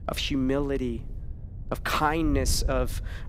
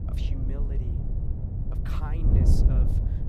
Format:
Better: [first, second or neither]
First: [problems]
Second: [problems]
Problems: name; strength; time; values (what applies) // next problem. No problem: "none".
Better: first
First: wind noise on the microphone; occasional gusts; 25 dB below the speech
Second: wind noise on the microphone; heavy; 4 dB above the speech